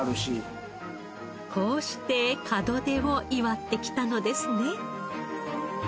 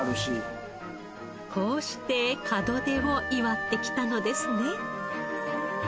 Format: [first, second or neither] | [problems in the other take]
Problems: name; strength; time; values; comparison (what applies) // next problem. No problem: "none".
first | background sound (Wind instrument, woodwind instrument); 7 dB below the speech